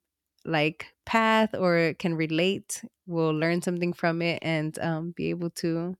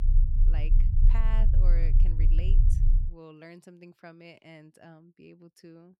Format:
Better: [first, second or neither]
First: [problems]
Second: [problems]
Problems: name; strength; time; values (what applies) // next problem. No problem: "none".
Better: first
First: none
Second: low rumble; loud; until 3 s; as loud as the speech